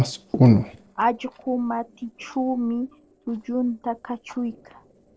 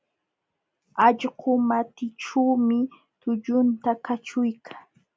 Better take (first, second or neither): second